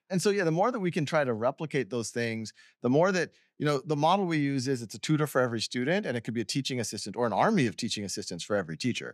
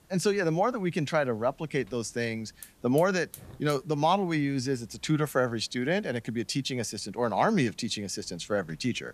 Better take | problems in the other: first | hiss; faint; throughout; 25 dB below the speech

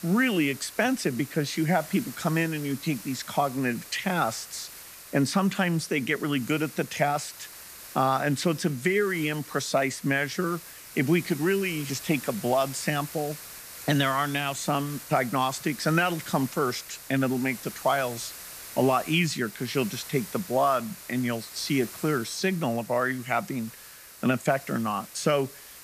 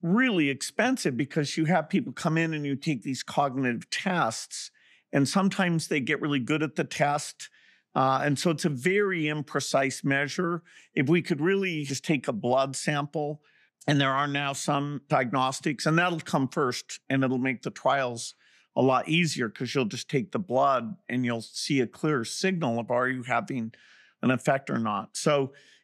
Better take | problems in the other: second | hiss; noticeable; throughout; 15 dB below the speech

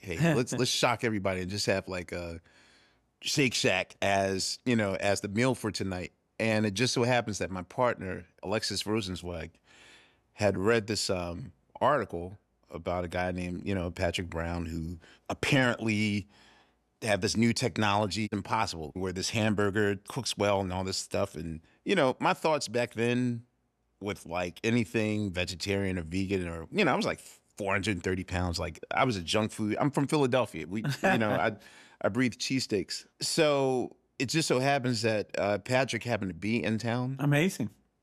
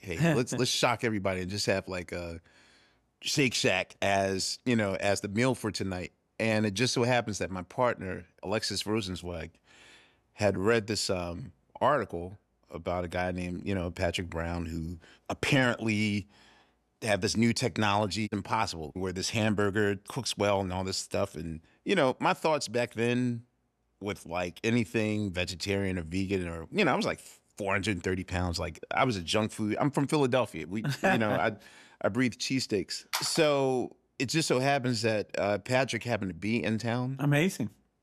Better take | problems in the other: first | phone ringing; noticeable; at 33 s; peak 5 dB below the speech

